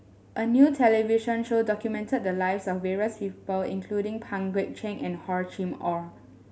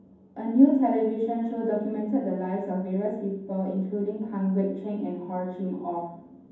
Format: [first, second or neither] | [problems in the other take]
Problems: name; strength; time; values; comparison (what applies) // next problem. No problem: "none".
first | room echo; dies away in 1.2 s